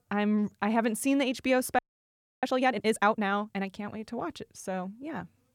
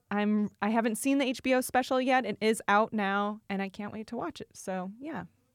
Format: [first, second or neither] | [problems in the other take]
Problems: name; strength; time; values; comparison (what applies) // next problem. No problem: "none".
second | audio freezing; at 2 s for 0.5 s